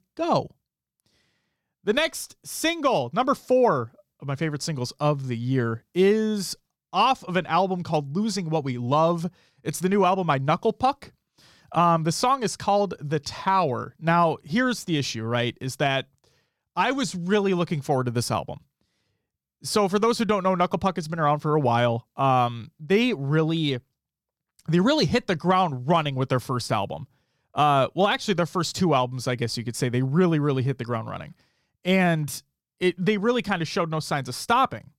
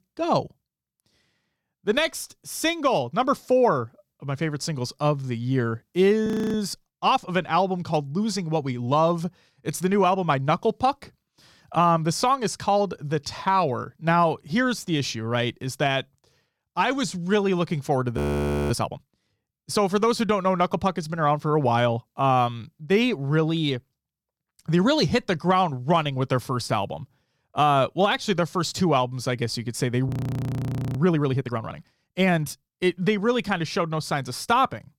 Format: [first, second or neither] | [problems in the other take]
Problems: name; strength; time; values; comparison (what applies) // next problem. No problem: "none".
first | audio freezing; at 6.5 s, at 18 s for 0.5 s and at 30 s for 1 s